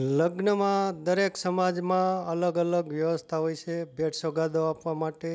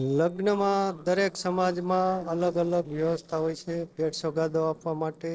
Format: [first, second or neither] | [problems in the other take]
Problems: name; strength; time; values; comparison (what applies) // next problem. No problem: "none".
first | noise reduction (neural separator model SepFormer DNS4)